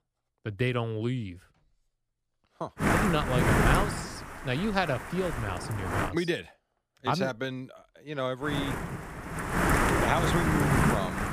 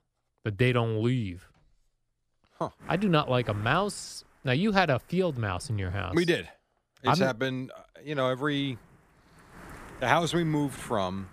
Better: second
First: wind noise on the microphone; heavy; from 3 to 6 s and from 8.5 s on; 3 dB above the speech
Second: wind noise on the microphone; occasional gusts; from 3 to 6 s and from 8.5 s on; 20 dB below the speech

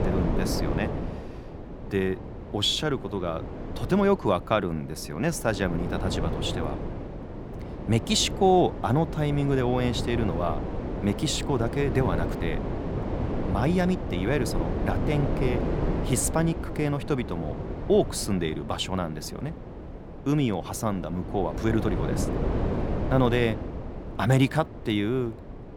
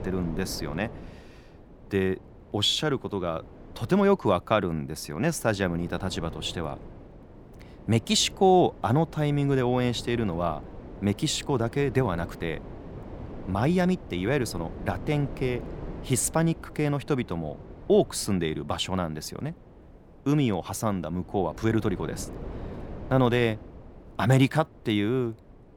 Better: second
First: wind noise on the microphone; heavy; 8 dB below the speech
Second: wind noise on the microphone; occasional gusts; 20 dB below the speech

